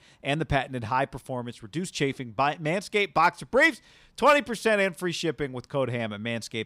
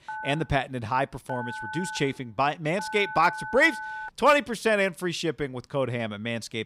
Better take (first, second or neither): first